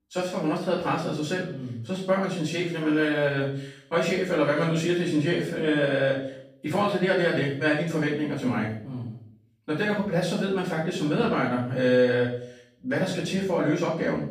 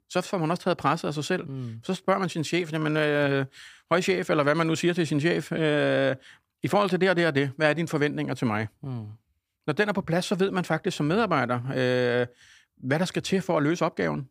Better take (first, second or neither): second